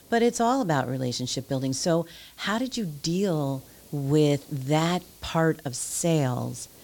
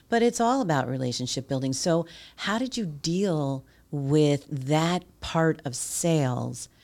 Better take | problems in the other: second | hiss; faint; throughout; 25 dB below the speech

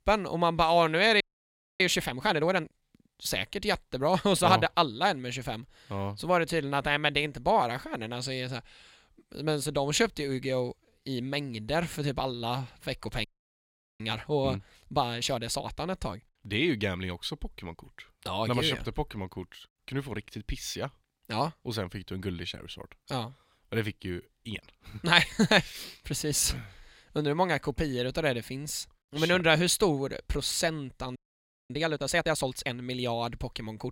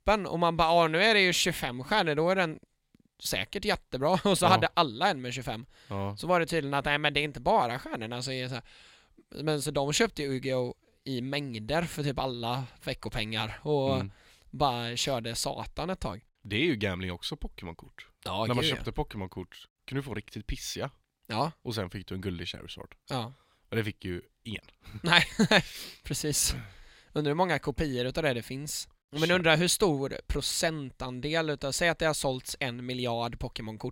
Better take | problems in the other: second | audio freezing; at 1 s for 0.5 s, at 13 s for 1 s and at 31 s for 0.5 s

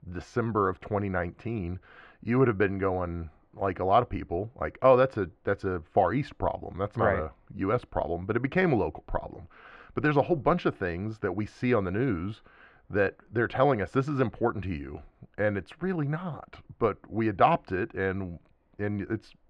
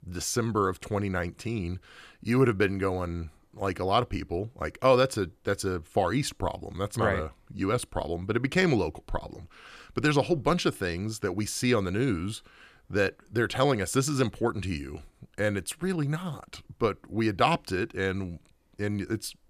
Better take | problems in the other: second | muffled; very; fading above 2 kHz

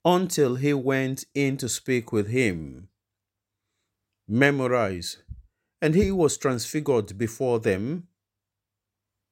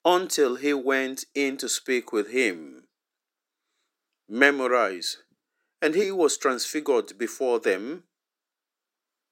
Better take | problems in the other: first | thin; somewhat; fading below 250 Hz

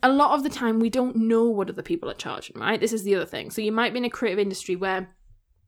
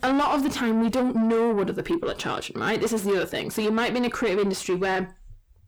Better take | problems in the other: first | distortion; heavy; 6 dB below the speech

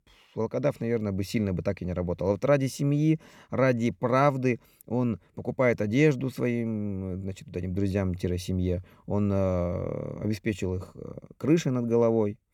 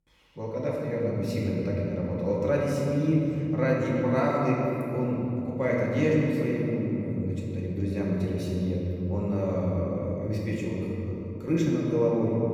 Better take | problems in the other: first | off-mic speech; far // room echo; strong; dies away in 3 s

